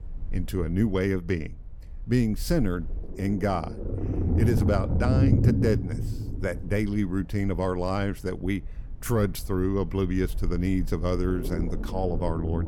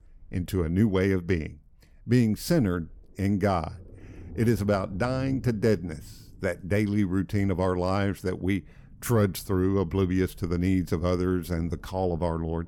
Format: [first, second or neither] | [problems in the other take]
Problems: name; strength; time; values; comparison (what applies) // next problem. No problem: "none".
second | low rumble; loud; throughout; 6 dB below the speech; faint in the second